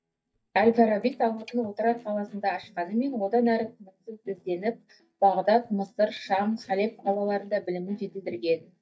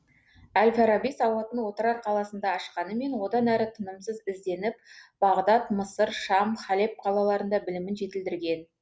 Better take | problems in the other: second | noise reduction (neural mask model DeepFilterNet 3)

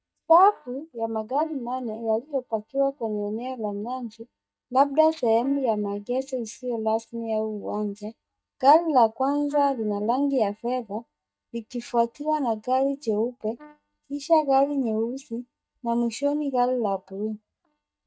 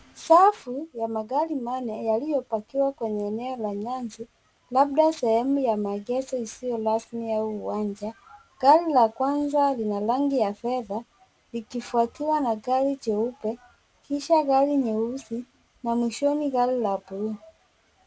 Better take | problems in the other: second | noise reduction (neural mask model DeepFilterNet 3)

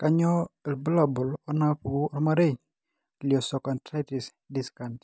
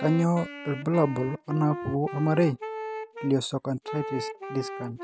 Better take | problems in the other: first | background sound (Wind instrument, woodwind instrument); 10 dB below the speech

